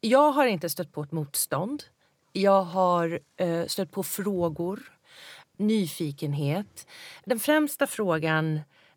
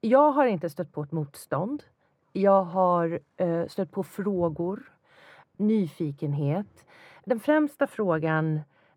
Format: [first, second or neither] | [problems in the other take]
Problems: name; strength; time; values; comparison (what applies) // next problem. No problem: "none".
first | muffled; very; fading above 2.5 kHz